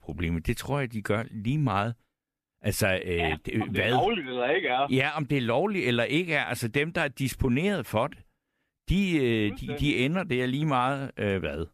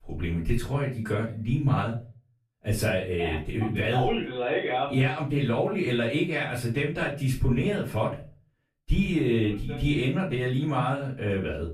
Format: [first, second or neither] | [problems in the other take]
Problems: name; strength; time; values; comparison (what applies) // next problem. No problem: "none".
first | off-mic speech; far // room echo; slight; dies away in 0.3 s